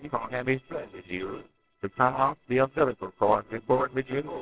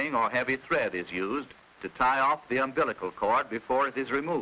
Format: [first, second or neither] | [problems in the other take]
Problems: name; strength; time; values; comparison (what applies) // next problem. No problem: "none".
second | noise reduction (neural separator model SepFormer WHAMR!)